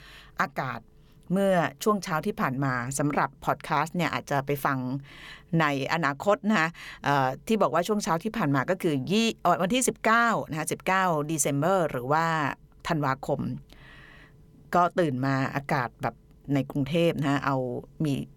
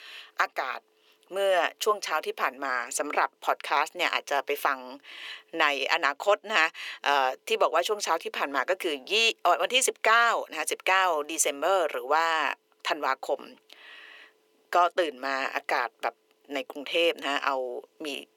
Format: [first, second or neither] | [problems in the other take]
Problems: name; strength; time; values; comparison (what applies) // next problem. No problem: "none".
first | thin; very; fading below 350 Hz